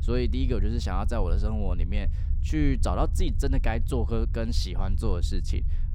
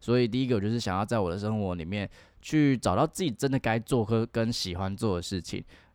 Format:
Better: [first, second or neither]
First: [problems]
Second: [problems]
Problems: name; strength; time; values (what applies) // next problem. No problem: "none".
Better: second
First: low rumble; noticeable; throughout; 15 dB below the speech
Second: none